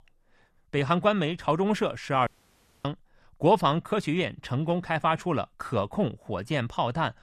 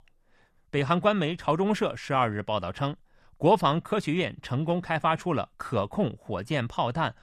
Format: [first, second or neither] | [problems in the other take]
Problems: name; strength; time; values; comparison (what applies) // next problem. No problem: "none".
second | audio cutting out; at 2.5 s for 0.5 s